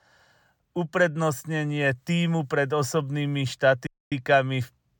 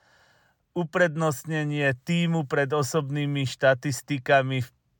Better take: second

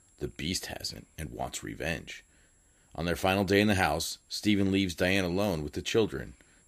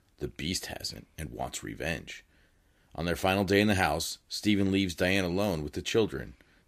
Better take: second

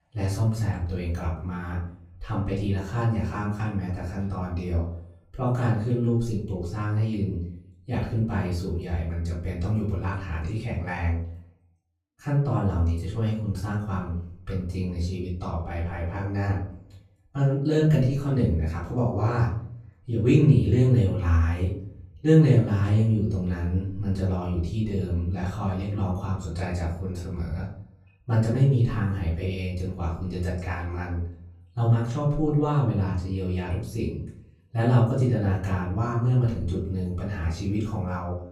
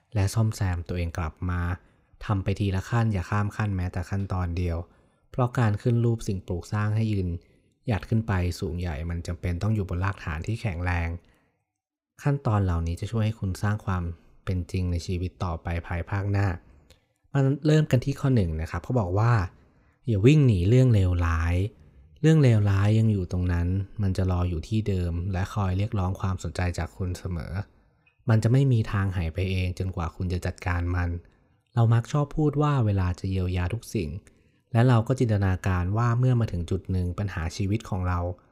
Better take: second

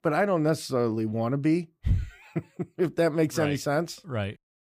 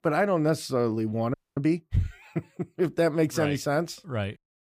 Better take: first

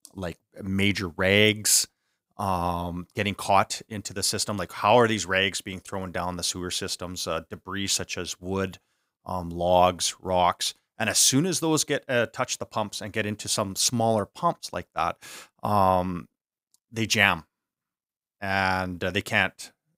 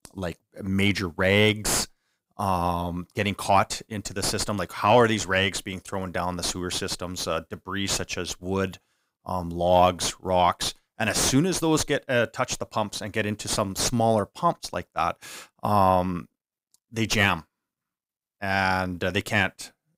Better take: first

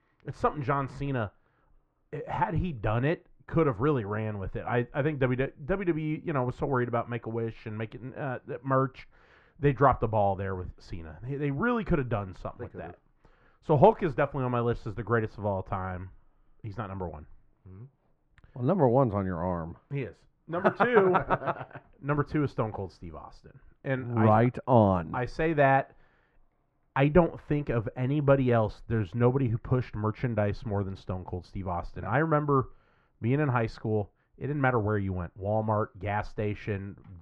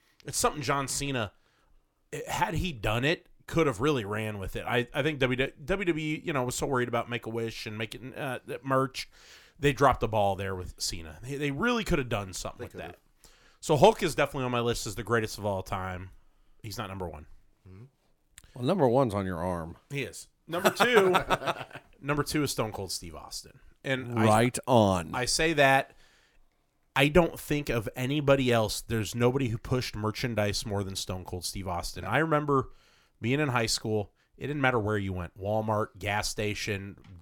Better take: second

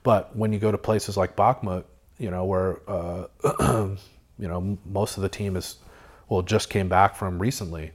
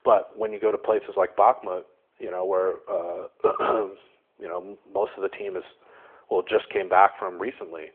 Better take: first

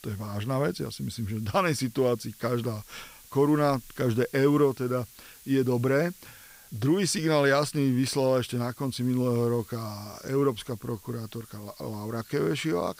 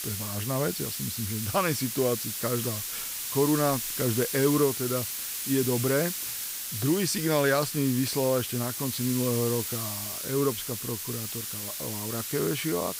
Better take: first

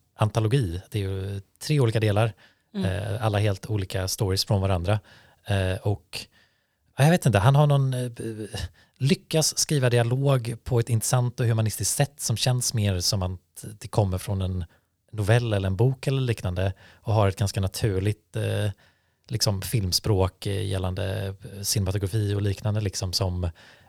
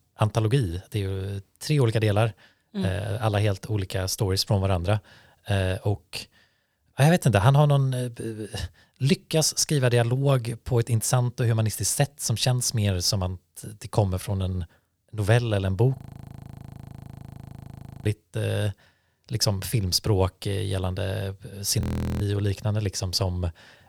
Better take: first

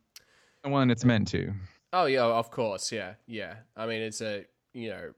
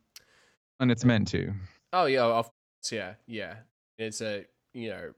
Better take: first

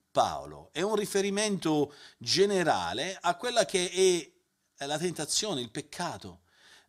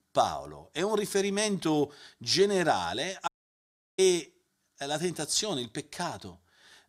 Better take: first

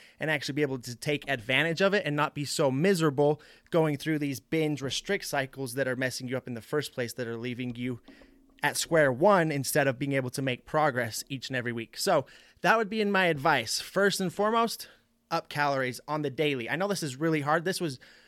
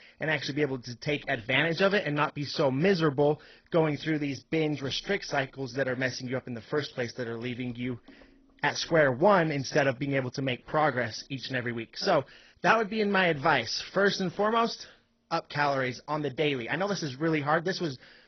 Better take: first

